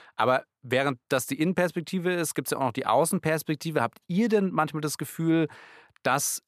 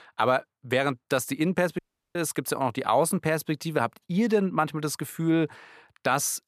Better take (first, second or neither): first